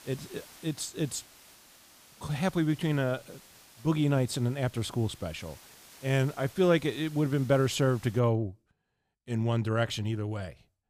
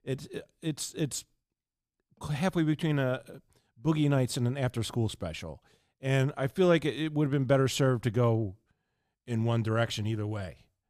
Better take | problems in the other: second | hiss; faint; until 8 s; 20 dB below the speech

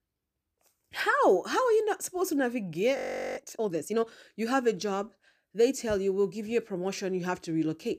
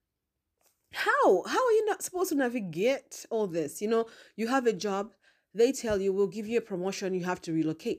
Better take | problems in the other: second | audio freezing; at 3 s

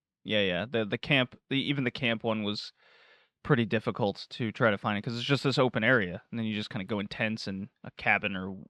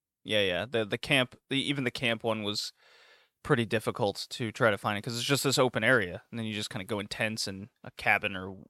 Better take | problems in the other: second | muffled; very slightly; fading above 3.5 kHz

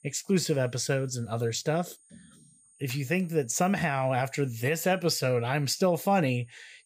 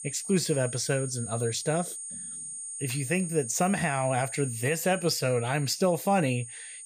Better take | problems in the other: first | high-pitched whine; loud; throughout; 9 kHz, 9 dB below the speech; faint in the first

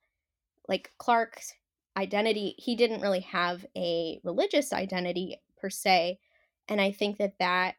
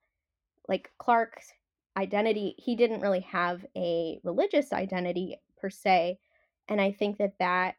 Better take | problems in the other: first | muffled; slightly; fading above 3.5 kHz

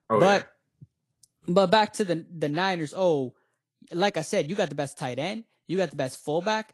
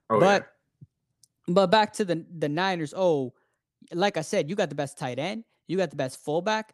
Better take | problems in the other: second | garbled, watery; slightly; nothing above 11.5 kHz

